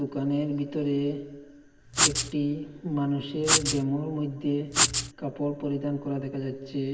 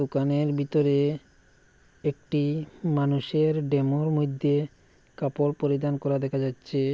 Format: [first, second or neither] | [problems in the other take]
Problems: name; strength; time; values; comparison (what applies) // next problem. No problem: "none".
second | background sound (Writing); 4 dB above the speech // room echo; dies away in 1.4 s